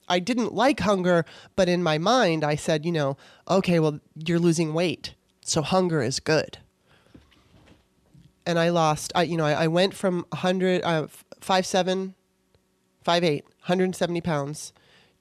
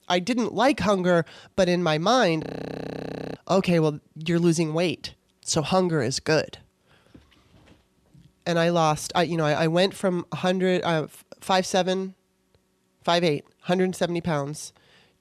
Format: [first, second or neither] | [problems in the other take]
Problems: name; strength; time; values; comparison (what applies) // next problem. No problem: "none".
first | audio freezing; at 2.5 s for 1 s